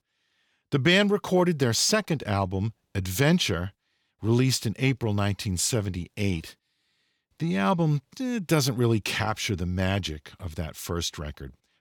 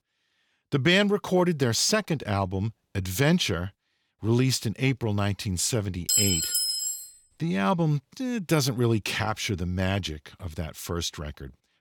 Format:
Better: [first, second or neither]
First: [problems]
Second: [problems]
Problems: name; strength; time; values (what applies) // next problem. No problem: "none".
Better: first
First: none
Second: clattering dishes; loud; at 6 s; peak 5 dB above the speech